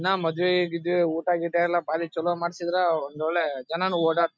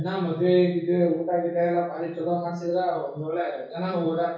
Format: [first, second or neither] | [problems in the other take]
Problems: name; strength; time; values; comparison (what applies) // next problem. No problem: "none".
first | room echo; dies away in 0.6 s